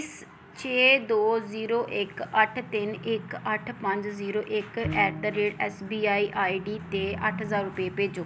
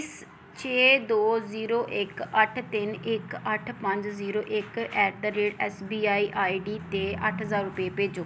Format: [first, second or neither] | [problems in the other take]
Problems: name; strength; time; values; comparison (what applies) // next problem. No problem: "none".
second | background sound (Bowed string instrument); 12 dB below the speech